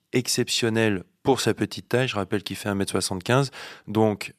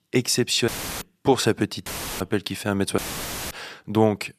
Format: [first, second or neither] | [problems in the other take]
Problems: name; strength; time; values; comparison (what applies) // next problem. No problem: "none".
first | audio cutting out; filled with static; at 0.5 s, at 2 s and at 3 s for 0.5 s